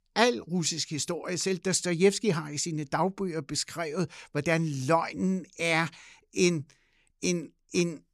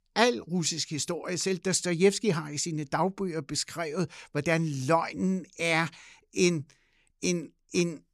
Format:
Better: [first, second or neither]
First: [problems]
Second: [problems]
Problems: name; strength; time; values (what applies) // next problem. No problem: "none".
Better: neither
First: none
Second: none